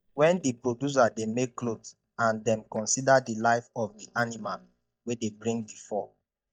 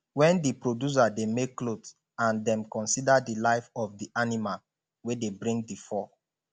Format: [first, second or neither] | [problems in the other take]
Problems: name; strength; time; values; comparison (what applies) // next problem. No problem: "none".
second | noise reduction (neural mask model DeepFilterNet 3)